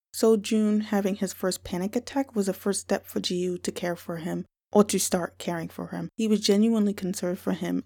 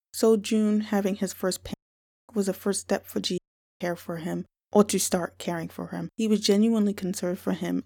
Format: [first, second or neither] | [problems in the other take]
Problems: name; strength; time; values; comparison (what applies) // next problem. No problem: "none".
first | audio cutting out; at 1.5 s for 0.5 s and at 3.5 s